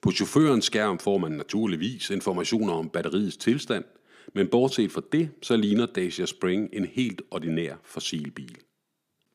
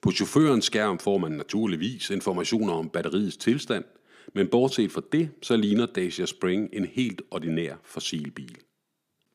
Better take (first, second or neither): neither